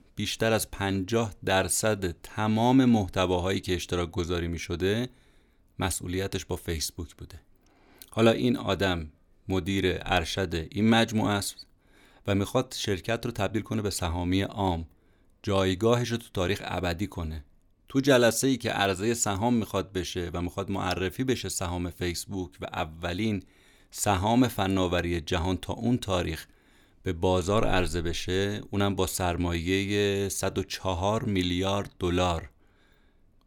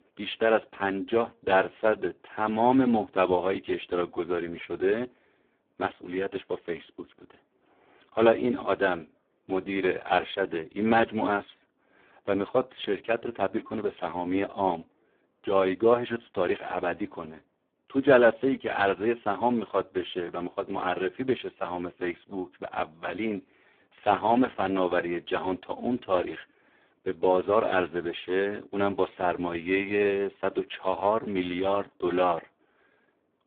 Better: first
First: none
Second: phone-call audio; poor line

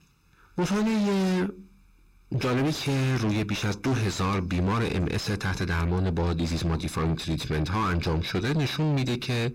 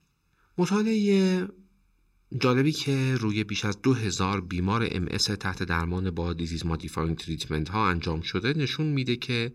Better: second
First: distortion; heavy; 5 dB below the speech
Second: none

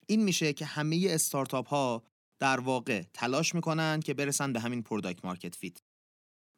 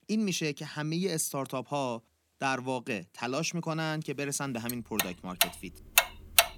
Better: first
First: none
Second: household noises; very loud; throughout; 5 dB above the speech

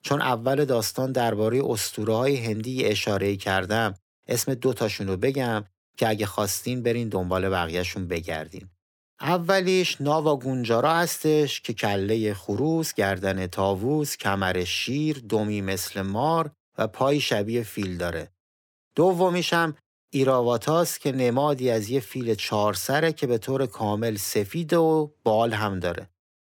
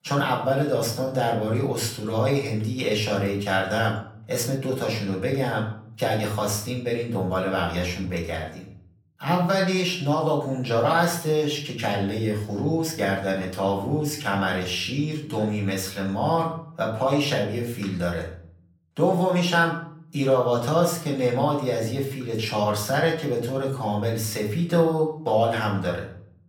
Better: first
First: none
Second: off-mic speech; far // room echo; slight; dies away in 0.5 s

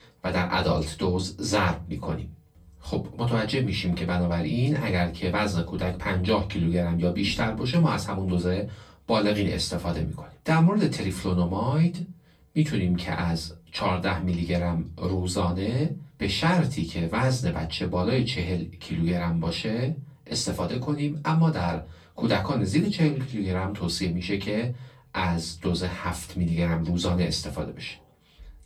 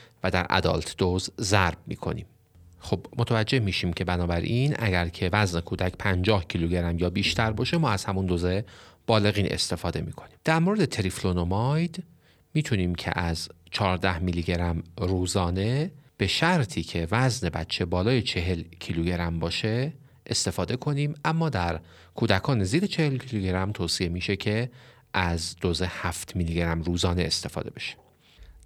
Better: second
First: off-mic speech; far // room echo; very slight; dies away in 0.2 s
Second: none

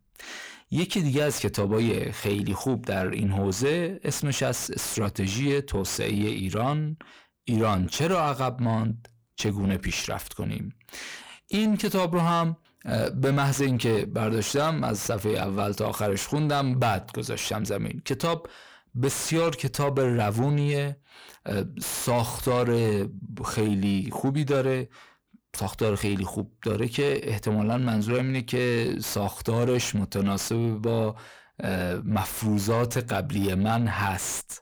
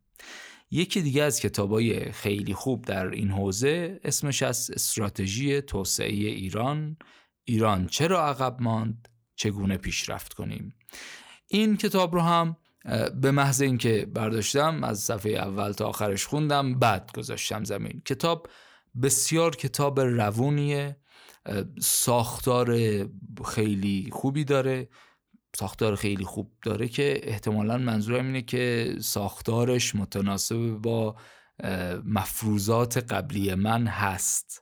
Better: second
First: distortion; slight; 10 dB below the speech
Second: none

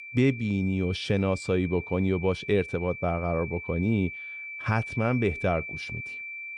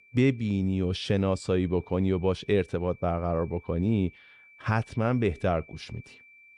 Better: second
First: high-pitched whine; loud; throughout; 2.5 kHz, 9 dB below the speech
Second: high-pitched whine; faint; throughout; 2.5 kHz, 25 dB below the speech

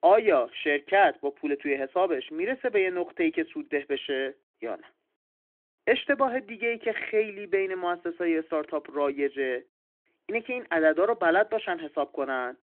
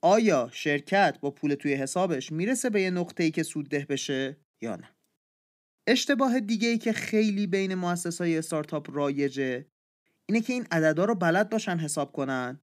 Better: second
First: phone-call audio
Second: none

